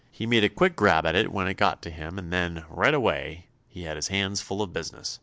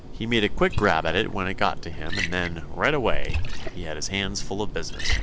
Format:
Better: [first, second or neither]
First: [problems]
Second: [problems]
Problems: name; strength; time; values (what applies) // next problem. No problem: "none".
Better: first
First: none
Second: background sound (Liquid); as loud as the speech